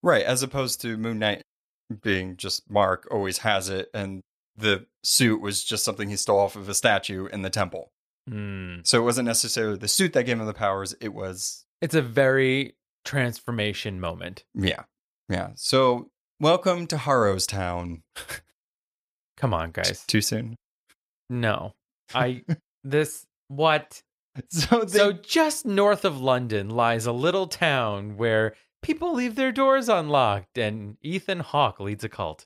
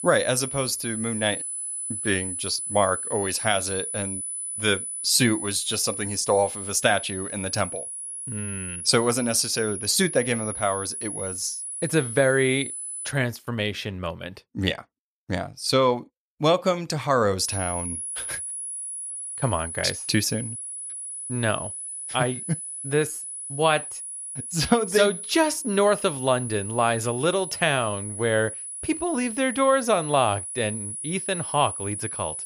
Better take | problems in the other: first | high-pitched whine; loud; until 13 s and from 17 s on; 10 kHz, 6 dB below the speech

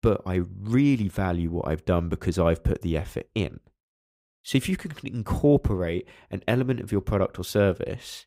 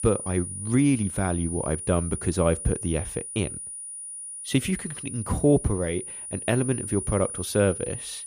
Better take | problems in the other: first | high-pitched whine; loud; throughout; 9.5 kHz, 7 dB below the speech

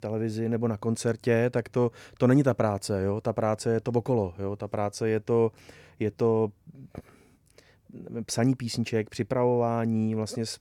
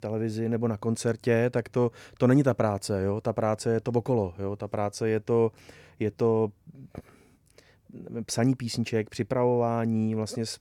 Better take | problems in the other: neither | none

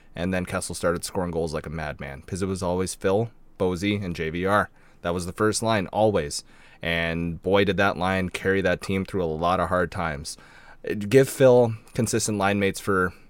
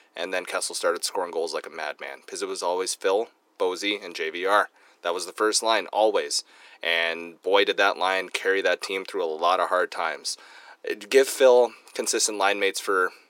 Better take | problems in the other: first | thin; very; fading below 350 Hz

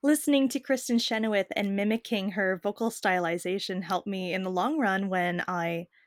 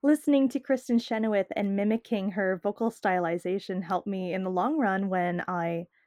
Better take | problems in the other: first | muffled; slightly; fading above 2 kHz

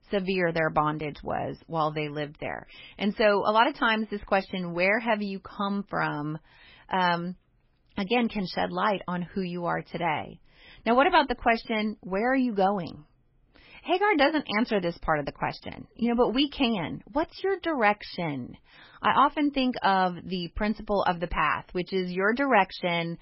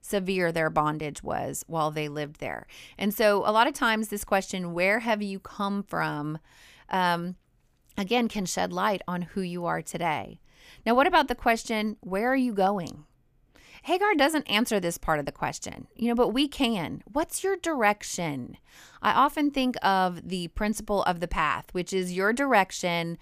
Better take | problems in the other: second | garbled, watery; badly; nothing above 5.5 kHz

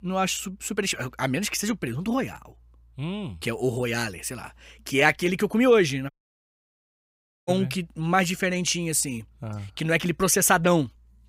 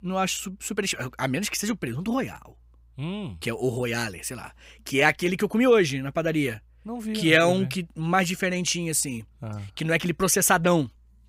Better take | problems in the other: second | audio cutting out; at 6 s for 1.5 s

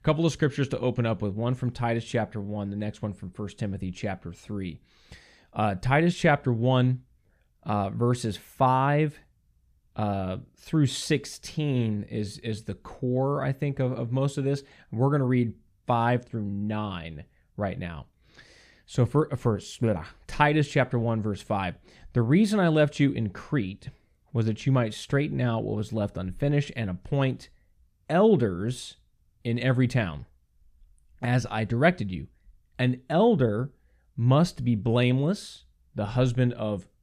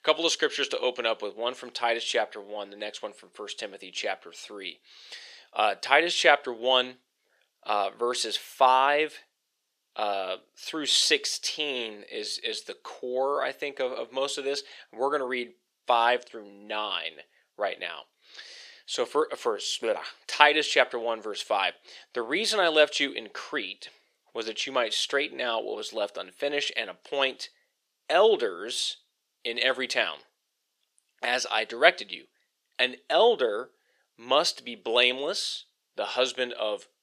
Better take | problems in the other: first | thin; very; fading below 400 Hz

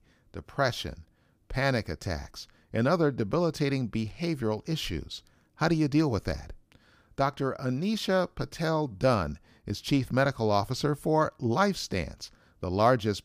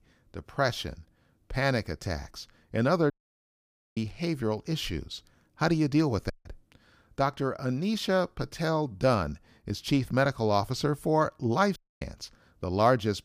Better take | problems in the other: first | audio cutting out; at 3 s for 1 s, at 6.5 s and at 12 s

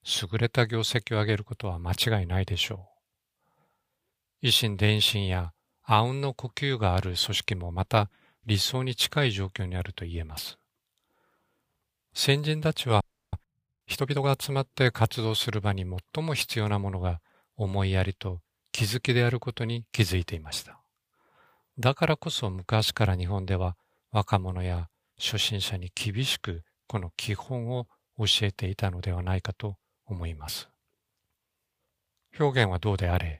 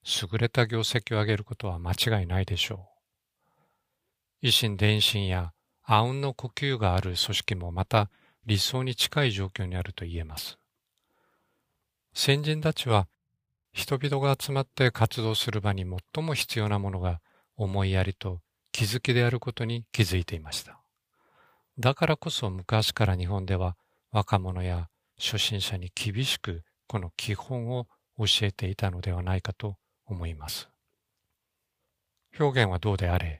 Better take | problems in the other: second | audio freezing; at 13 s

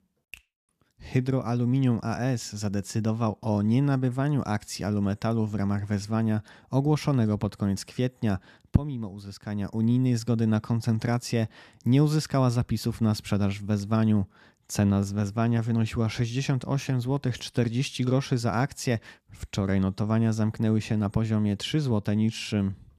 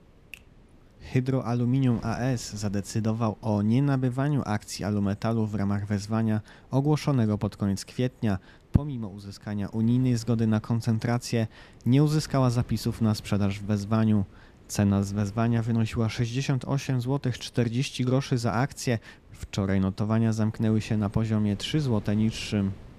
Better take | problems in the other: first | wind noise on the microphone; occasional gusts; 25 dB below the speech

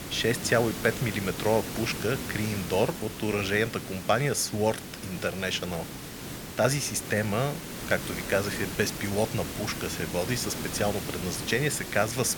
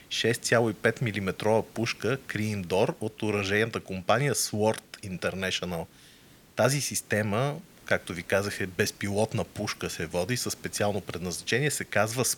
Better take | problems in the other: second | hiss; loud; throughout; 7 dB below the speech; faint in the second

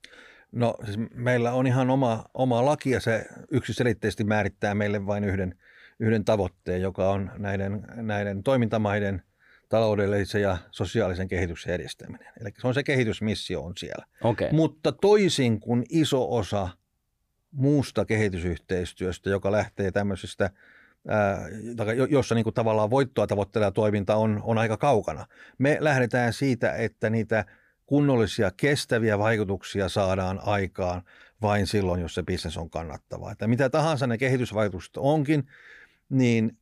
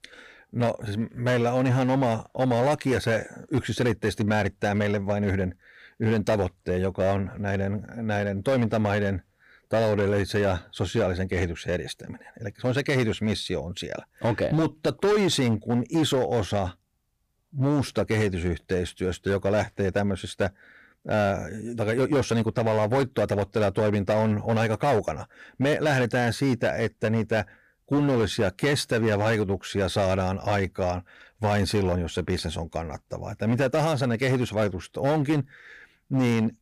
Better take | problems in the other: first | distortion; slight; 9% of the sound clipped

